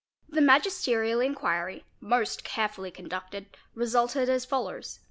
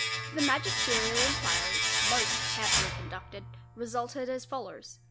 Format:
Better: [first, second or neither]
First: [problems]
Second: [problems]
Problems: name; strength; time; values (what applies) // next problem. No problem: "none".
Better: first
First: none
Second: background sound (Domestic sounds, home sounds); 4 dB above the speech